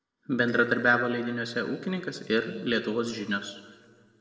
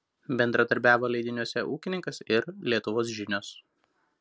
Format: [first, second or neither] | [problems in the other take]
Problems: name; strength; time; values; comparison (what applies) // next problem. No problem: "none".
second | noise reduction (neural separator model SepFormer DNS4)